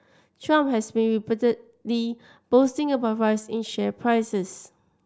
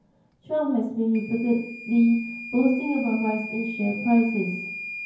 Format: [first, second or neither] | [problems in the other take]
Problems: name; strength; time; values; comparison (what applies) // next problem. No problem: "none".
first | background sound (Microwave oven / Alarm); 13 dB below the speech // room echo; dies away in 0.9 s